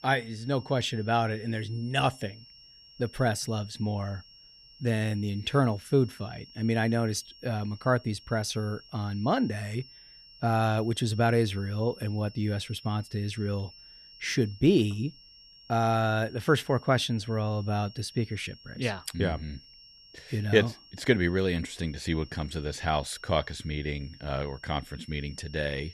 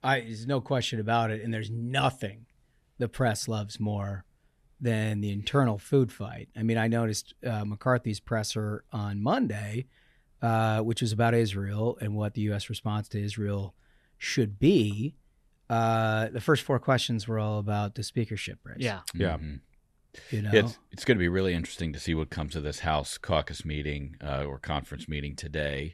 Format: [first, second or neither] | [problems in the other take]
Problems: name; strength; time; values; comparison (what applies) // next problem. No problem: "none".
second | high-pitched whine; faint; throughout; 5.5 kHz, 20 dB below the speech